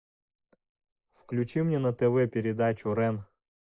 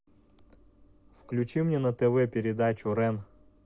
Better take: second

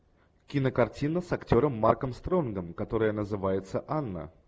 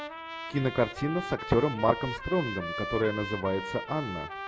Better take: first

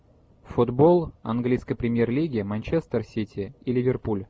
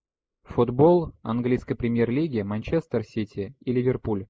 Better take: first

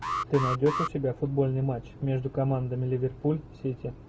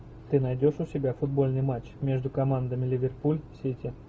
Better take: second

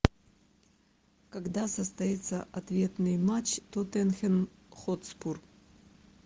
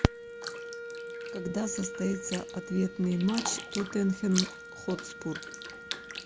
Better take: first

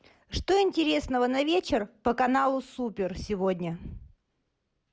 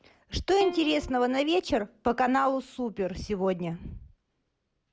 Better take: first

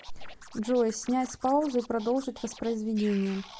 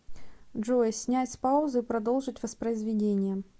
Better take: second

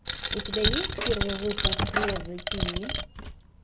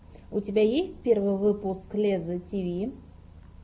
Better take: second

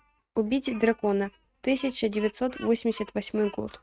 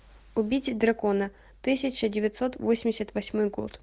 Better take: second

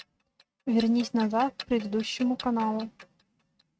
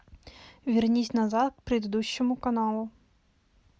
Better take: second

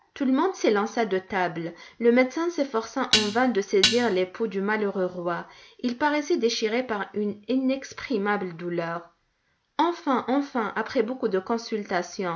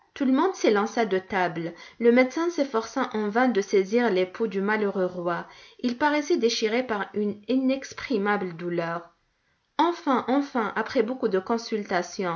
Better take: second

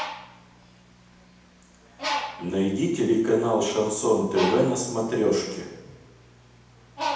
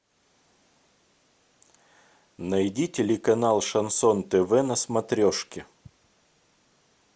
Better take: second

